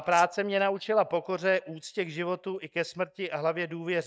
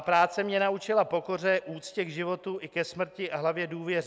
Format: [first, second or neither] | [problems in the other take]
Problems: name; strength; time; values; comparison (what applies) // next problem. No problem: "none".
second | noise reduction (neural mask model DeepFilterNet 3)